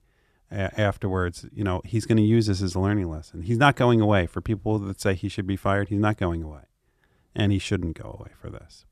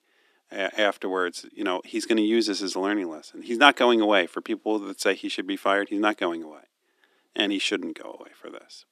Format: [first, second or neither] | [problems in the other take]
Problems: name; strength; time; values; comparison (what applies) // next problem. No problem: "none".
first | thin; somewhat; fading below 250 Hz